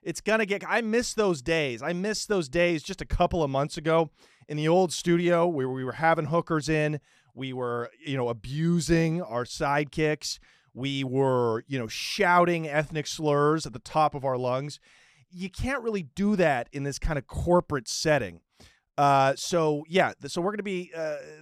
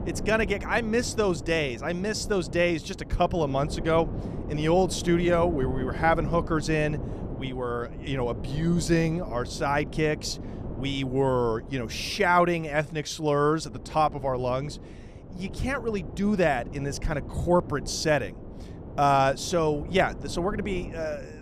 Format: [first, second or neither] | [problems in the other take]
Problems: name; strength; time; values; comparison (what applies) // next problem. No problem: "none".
first | wind noise on the microphone; occasional gusts; 15 dB below the speech